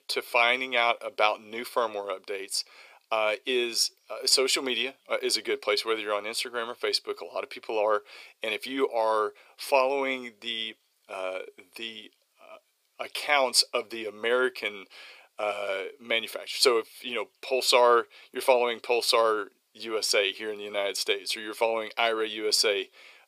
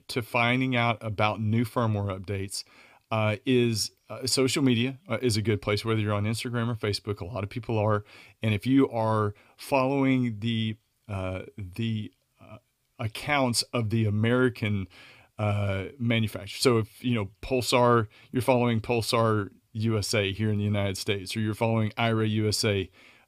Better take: second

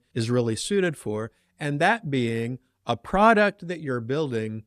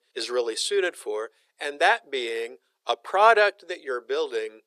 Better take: first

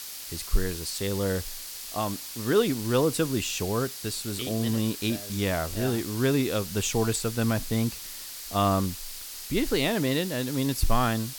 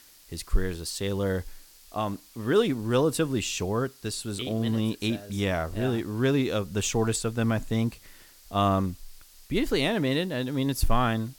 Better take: second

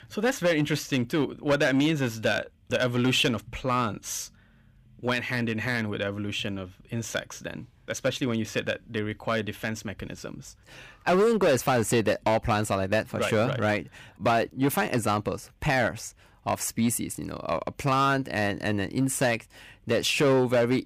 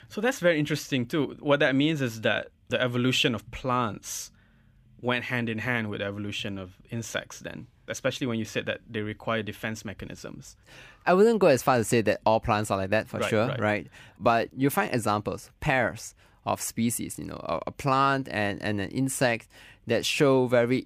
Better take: second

